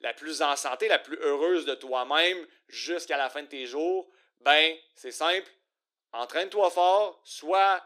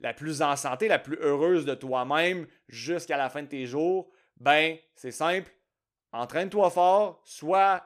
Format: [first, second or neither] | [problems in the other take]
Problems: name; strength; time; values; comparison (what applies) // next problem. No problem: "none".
second | thin; somewhat; fading below 300 Hz